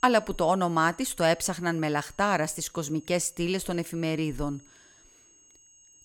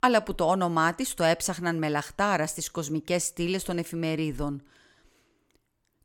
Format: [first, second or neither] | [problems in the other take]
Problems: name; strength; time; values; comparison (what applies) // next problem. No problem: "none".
second | high-pitched whine; faint; throughout; 6.5 kHz, 25 dB below the speech